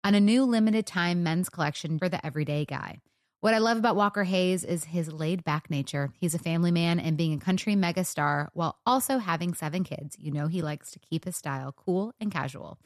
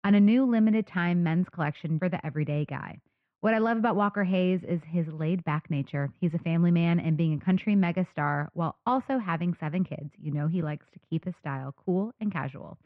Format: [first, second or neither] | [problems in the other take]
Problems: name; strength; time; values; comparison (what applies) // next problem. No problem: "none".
first | muffled; very; fading above 2.5 kHz